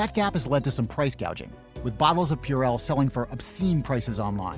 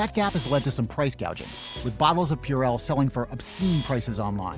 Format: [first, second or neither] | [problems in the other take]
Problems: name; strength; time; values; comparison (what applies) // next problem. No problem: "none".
first | background sound (Camera); 17 dB below the speech